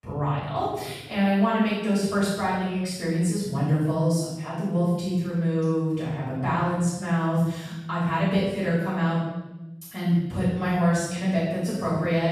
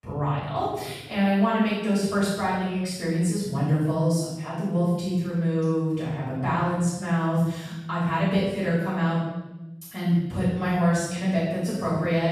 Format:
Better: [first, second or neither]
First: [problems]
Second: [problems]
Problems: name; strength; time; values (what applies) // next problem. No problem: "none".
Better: neither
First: off-mic speech; far // room echo; strong; dies away in 1 s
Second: off-mic speech; far // room echo; strong; dies away in 1 s